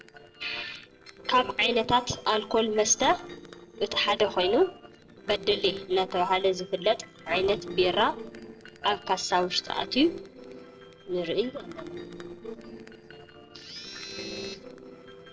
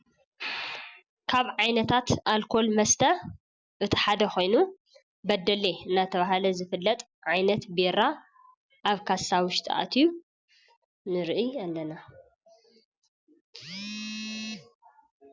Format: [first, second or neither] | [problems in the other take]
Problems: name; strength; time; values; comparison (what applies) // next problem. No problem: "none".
second | noise reduction (neural separator model SepFormer DNS4)